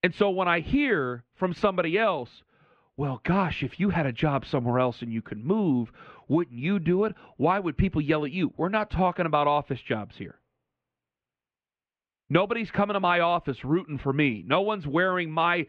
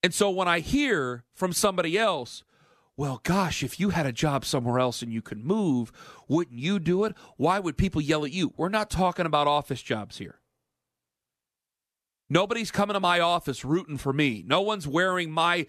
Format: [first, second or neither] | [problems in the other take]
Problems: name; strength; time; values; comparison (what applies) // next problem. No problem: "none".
second | muffled; very; fading above 3 kHz